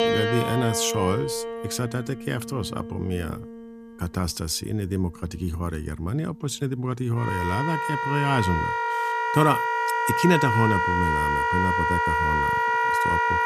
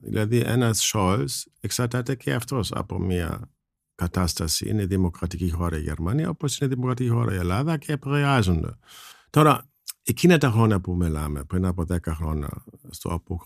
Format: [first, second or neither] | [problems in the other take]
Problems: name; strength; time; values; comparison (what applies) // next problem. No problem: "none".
second | background music; very loud; throughout; 3 dB above the speech